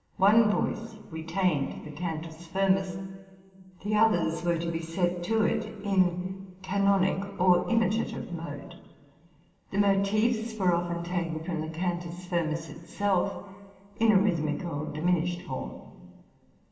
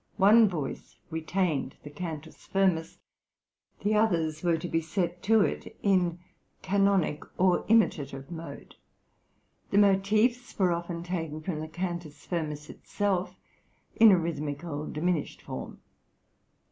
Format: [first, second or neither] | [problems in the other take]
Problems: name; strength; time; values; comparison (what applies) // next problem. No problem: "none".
second | room echo; dies away in 2.6 s